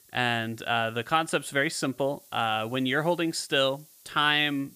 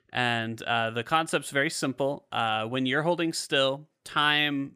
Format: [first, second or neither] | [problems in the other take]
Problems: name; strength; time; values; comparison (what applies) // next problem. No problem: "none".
second | hiss; faint; throughout; 25 dB below the speech